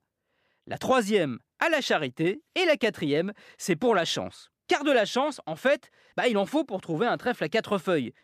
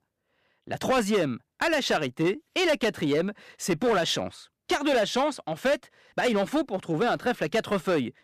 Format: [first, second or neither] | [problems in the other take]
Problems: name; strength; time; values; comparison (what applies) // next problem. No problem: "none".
first | distortion; slight; 8% of the sound clipped